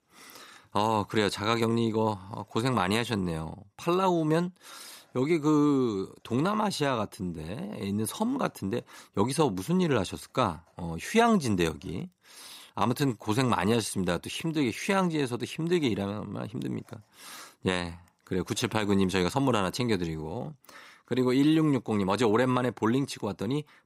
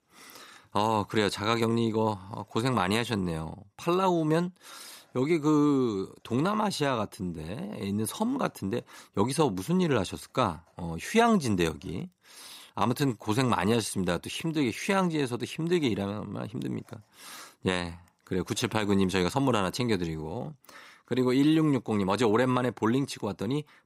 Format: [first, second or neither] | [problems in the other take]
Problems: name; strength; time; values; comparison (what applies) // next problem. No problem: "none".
neither | none